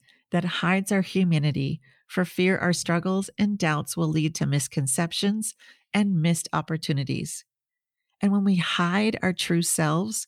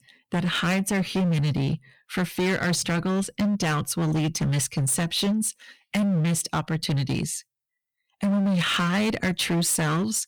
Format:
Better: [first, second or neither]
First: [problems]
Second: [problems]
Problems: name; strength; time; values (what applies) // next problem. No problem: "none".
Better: first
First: none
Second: distortion; heavy; 22% of the sound clipped